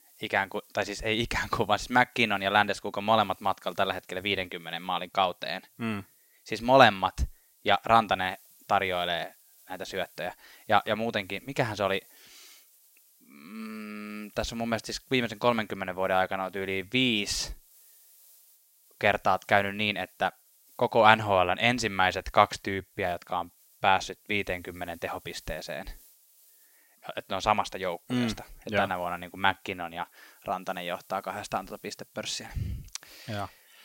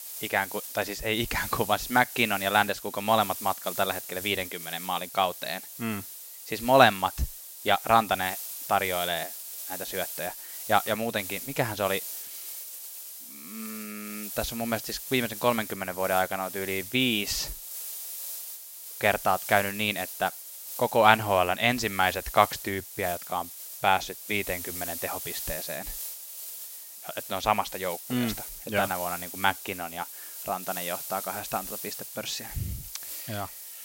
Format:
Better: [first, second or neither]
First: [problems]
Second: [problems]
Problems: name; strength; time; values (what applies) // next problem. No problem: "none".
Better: first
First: hiss; faint; throughout; 30 dB below the speech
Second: hiss; loud; throughout; 9 dB below the speech